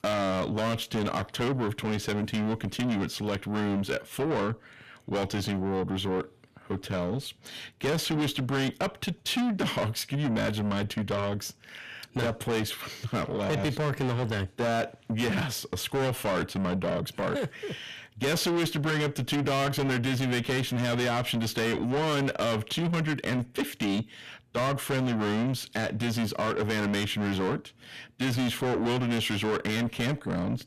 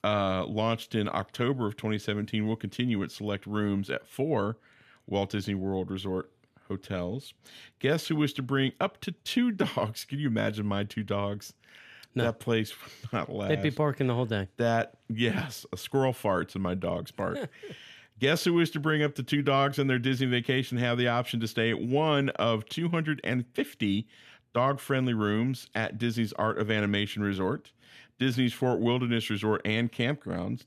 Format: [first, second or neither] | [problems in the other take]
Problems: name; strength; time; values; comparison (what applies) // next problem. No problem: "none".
second | distortion; heavy; 6 dB below the speech